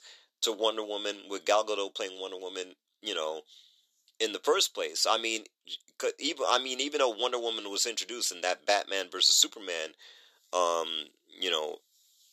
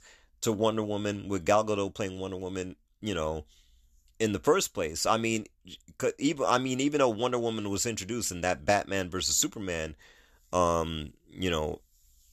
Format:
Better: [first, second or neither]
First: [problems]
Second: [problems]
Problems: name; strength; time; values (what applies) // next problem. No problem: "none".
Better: second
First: thin; somewhat; fading below 350 Hz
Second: none